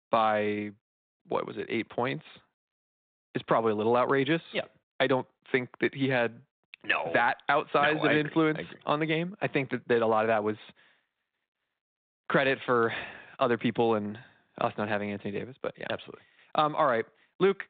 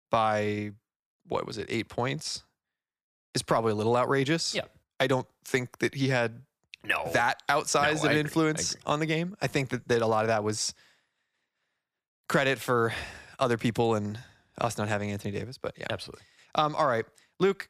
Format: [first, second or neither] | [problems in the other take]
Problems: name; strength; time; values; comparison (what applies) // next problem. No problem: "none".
second | phone-call audio; nothing above 4 kHz